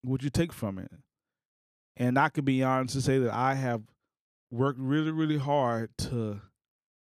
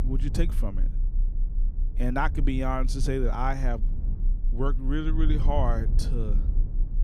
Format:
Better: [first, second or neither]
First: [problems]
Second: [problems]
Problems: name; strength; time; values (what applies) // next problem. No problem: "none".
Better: first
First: none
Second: low rumble; noticeable; throughout; 15 dB below the speech